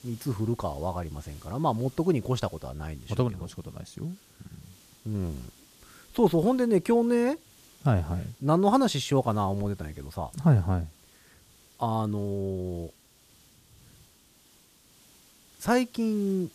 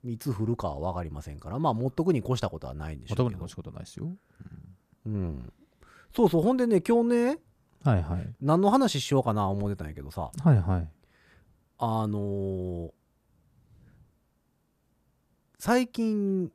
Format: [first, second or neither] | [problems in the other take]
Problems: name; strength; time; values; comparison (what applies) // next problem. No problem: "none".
second | hiss; faint; throughout; 25 dB below the speech